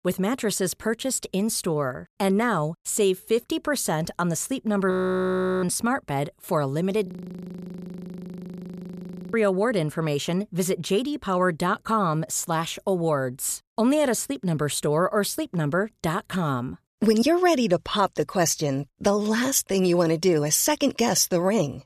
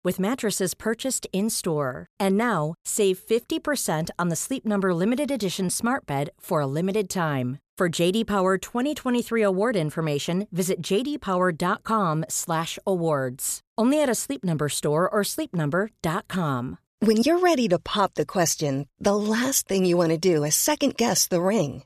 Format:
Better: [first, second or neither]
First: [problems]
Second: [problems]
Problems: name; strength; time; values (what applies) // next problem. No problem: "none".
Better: second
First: audio freezing; at 5 s for 0.5 s and at 7 s for 2.5 s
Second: none